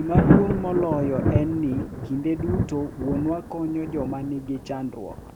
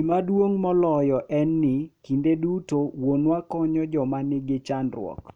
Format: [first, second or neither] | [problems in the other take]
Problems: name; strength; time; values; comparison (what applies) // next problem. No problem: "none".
second | background sound (Thunder); 1 dB above the speech